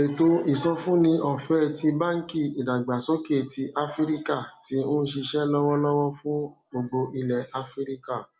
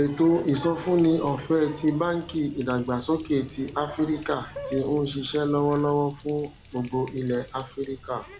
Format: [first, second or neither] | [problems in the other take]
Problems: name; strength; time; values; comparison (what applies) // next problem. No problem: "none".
first | background sound (Water tap, faucet); 18 dB below the speech